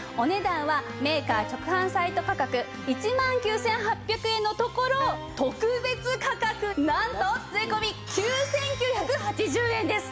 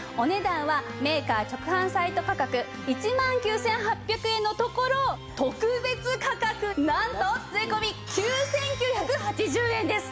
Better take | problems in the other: second | background sound (Wind instrument, woodwind instrument); 13 dB below the speech

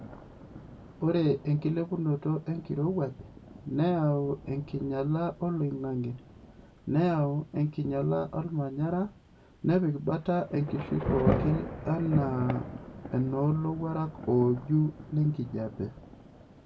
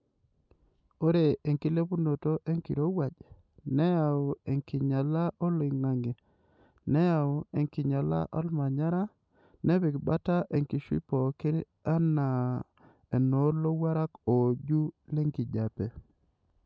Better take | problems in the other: second | background sound (Thunder / Rain); 10 dB below the speech // room echo; dies away in 0.2 s

